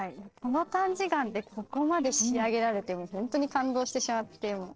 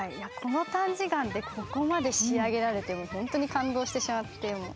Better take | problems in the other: second | noise reduction (neural separator model SepFormer DNS4)

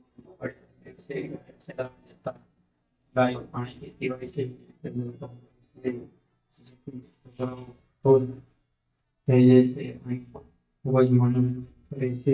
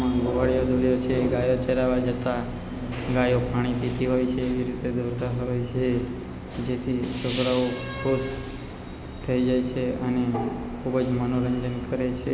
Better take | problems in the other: second | noise reduction (neural mask model DeepFilterNet 3)

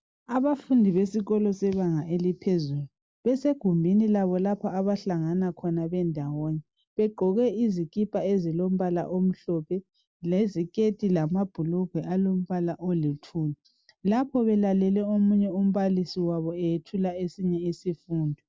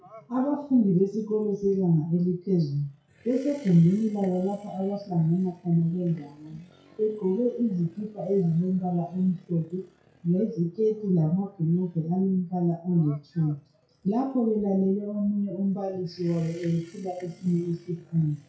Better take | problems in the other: first | noise reduction (classical method WPE with log-MMSE)

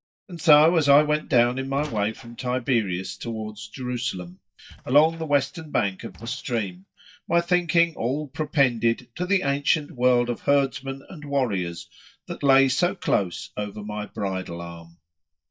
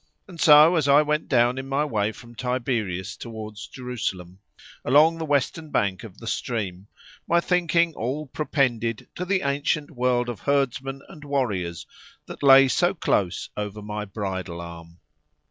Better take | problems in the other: second | noise reduction (neural mask model DeepFilterNet 3)

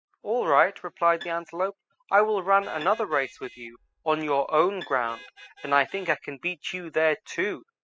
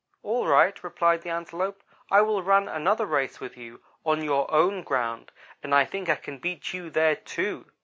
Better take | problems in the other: second | noise reduction (classical method spectral subtraction)

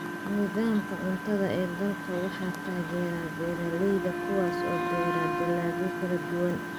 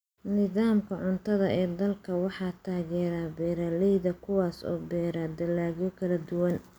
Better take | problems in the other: second | background sound (Engine + Wind instrument, woodwind instrument); 3 dB below the speech

